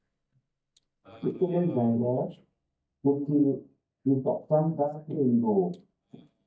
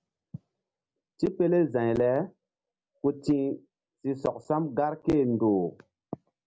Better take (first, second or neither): second